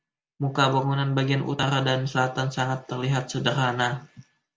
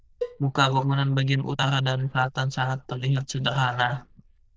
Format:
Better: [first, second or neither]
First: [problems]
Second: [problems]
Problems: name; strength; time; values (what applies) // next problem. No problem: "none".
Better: first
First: none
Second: noise reduction (neural diffusion model UNIVERSE++)